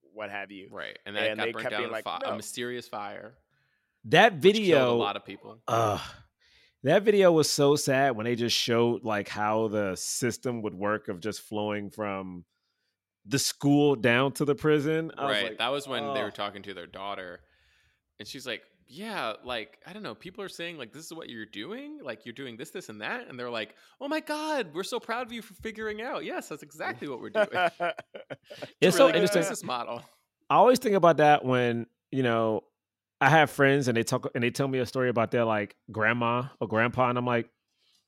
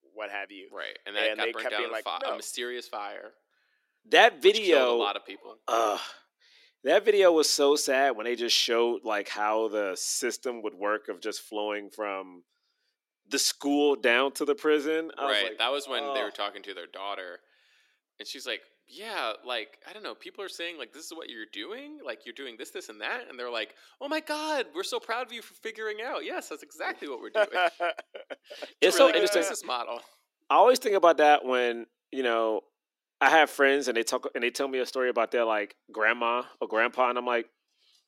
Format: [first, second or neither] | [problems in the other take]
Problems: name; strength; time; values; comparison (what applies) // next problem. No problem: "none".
first | thin; somewhat; fading below 300 Hz